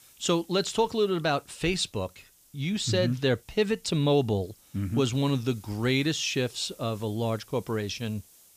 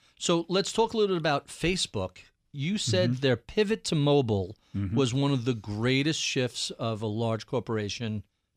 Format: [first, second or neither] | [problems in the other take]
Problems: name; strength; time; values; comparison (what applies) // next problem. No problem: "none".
second | hiss; faint; throughout; 25 dB below the speech